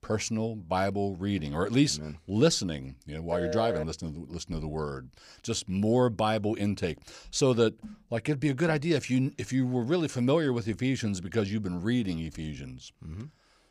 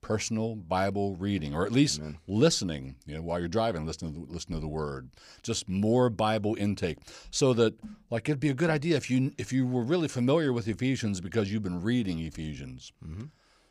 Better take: second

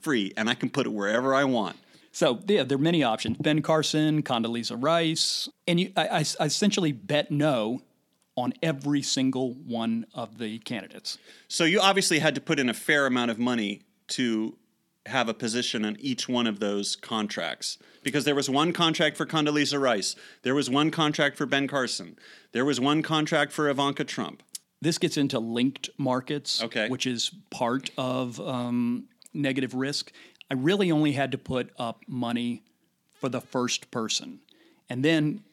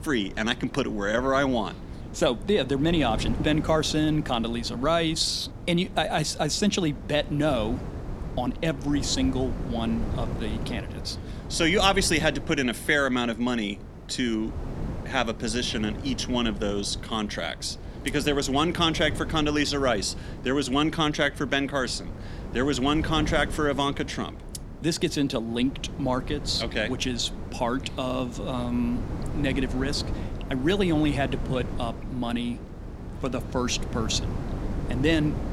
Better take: first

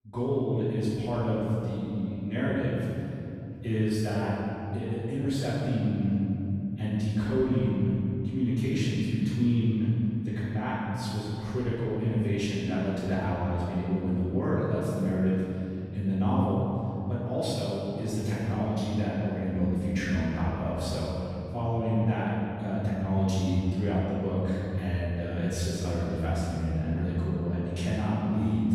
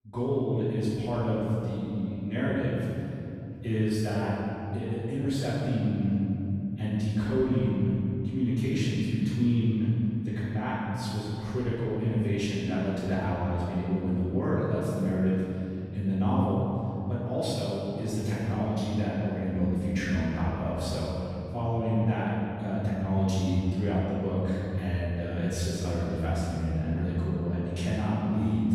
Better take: neither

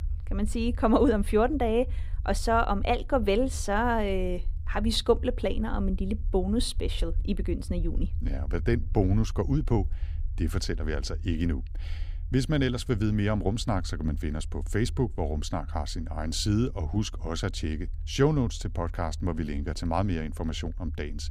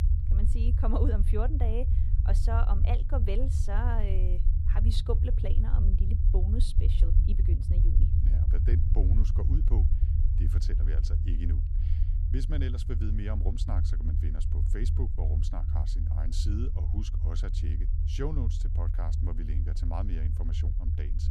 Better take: first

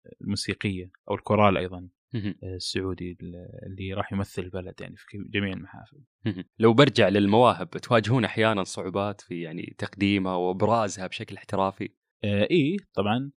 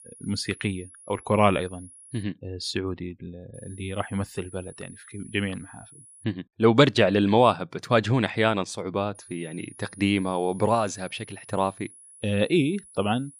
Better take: first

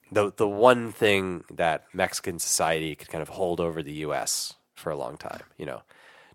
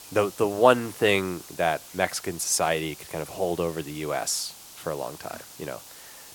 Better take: first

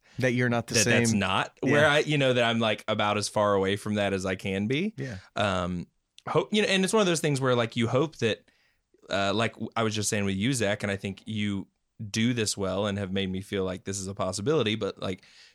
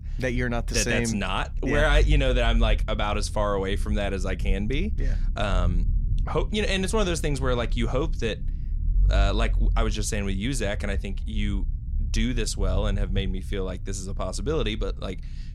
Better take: first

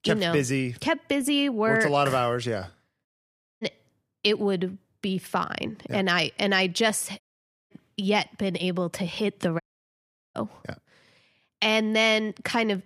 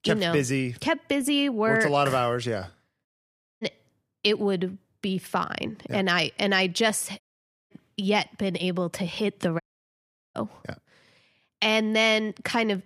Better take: neither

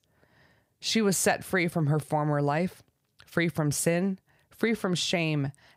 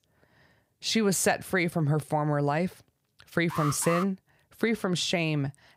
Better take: first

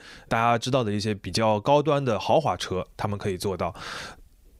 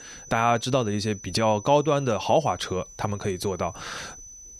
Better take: first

